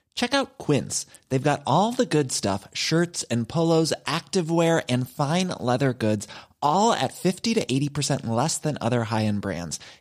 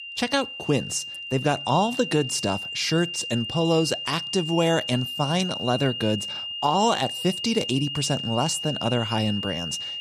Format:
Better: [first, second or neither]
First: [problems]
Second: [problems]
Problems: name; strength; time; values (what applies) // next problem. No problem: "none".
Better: first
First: none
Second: high-pitched whine; loud; throughout; 3 kHz, 5 dB below the speech